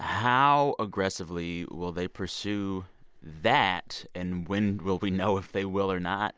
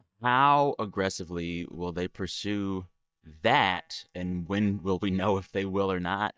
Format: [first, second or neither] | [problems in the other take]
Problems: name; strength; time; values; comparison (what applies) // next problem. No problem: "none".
first | noise reduction (neural mask model DeepFilterNet 3)